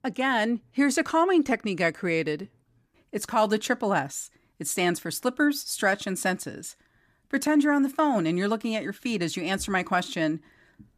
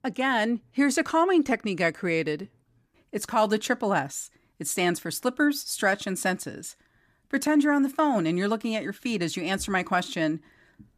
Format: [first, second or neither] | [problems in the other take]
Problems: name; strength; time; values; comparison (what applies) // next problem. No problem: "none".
neither | none